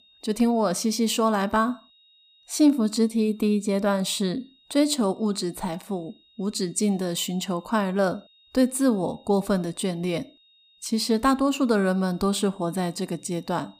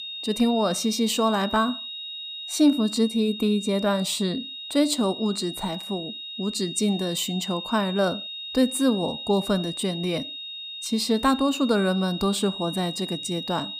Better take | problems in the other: first | high-pitched whine; loud; throughout; 4 kHz, 8 dB below the speech; faint in the first

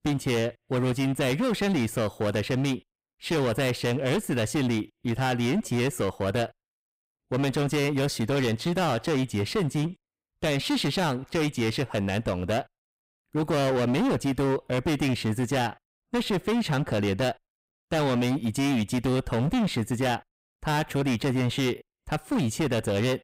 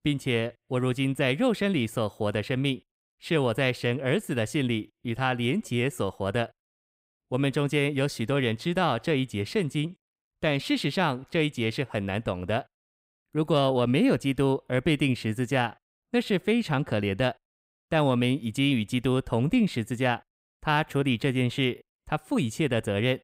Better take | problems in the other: second | distortion; heavy; 22% of the sound clipped

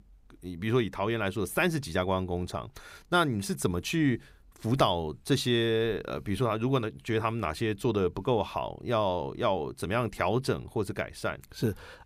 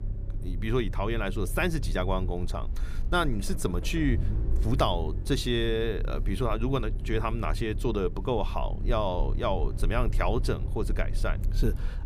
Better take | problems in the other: first | low rumble; noticeable; throughout; 15 dB below the speech

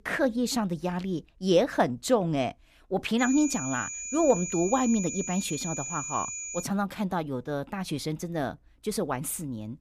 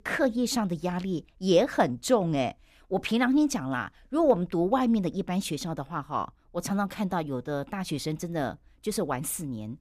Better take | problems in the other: second | high-pitched whine; loud; from 3 to 6.5 s; 7 kHz, 5 dB below the speech

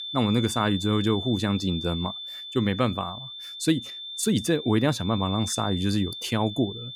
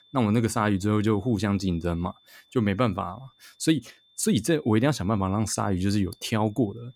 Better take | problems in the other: second | high-pitched whine; loud; throughout; 3.5 kHz, 8 dB below the speech; faint in the second

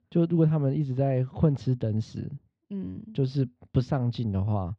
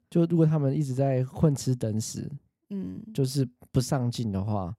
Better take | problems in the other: second | muffled; slightly; fading above 3.5 kHz

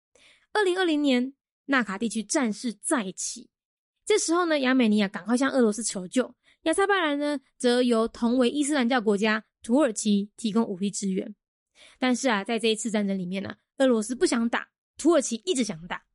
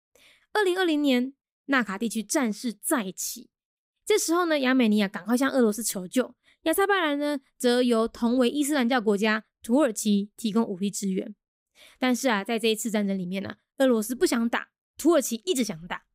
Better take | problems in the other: second | garbled, watery; slightly; nothing above 11 kHz

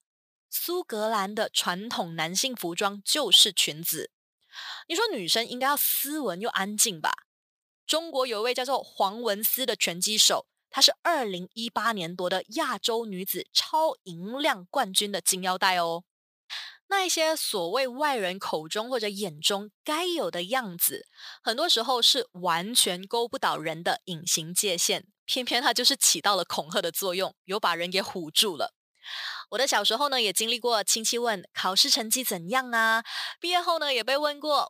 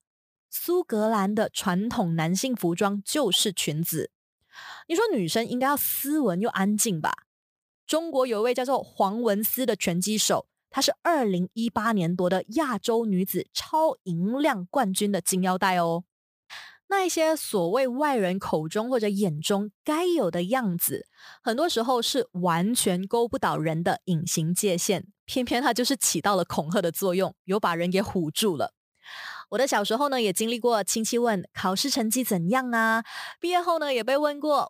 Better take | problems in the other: second | thin; somewhat; fading below 800 Hz

